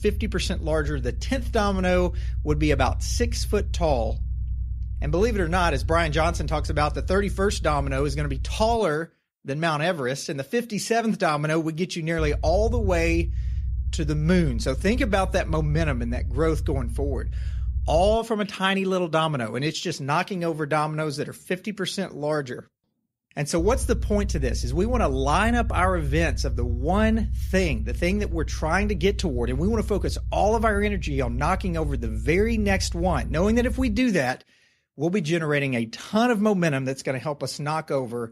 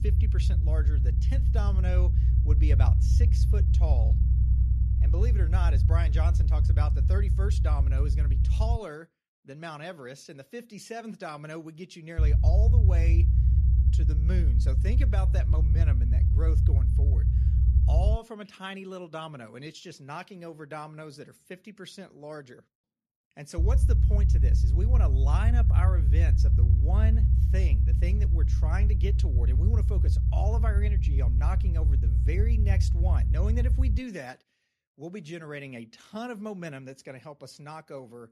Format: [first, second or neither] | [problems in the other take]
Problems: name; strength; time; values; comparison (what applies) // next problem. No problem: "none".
first | low rumble; loud; until 9 s, from 12 to 18 s and from 24 to 34 s; 2 dB below the speech; faint in the first